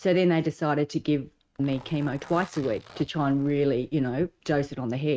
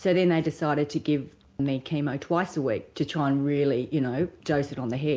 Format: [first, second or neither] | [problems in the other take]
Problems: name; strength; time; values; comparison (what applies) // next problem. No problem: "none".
second | noise reduction (neural mask model RNNoise)